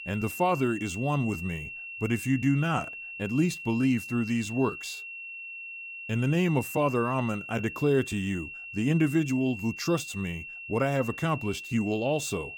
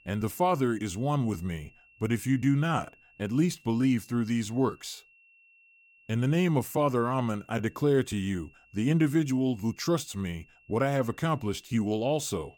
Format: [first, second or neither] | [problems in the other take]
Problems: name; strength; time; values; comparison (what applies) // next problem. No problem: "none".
second | high-pitched whine; loud; throughout; 2.5 kHz, 10 dB below the speech; faint in the second